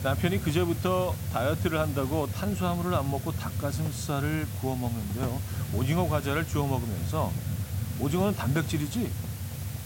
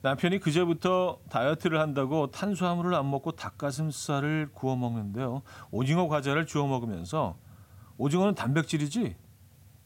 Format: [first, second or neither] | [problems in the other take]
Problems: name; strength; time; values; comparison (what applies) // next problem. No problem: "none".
second | hiss; loud; throughout; 3 dB below the speech; faint in the second